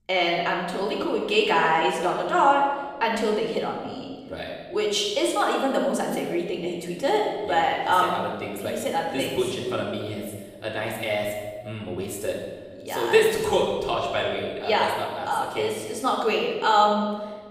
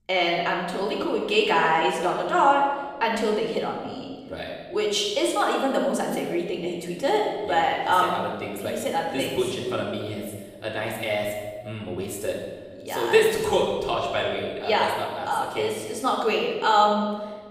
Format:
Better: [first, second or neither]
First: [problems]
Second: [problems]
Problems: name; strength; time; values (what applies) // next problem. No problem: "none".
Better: neither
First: off-mic speech; somewhat distant // room echo; noticeable; dies away in 1.5 s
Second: off-mic speech; somewhat distant // room echo; noticeable; dies away in 1.5 s